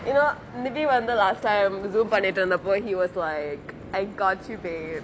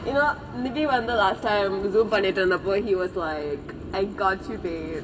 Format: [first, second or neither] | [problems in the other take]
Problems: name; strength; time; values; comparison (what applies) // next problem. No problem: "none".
first | room echo; dies away in 1.8 s